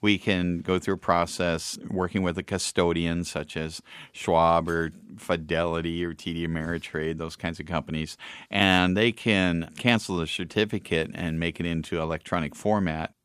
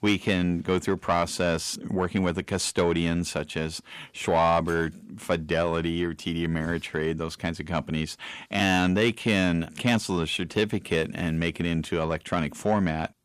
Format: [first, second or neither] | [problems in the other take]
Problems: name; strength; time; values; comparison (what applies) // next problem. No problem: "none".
first | distortion; slight; 10 dB below the speech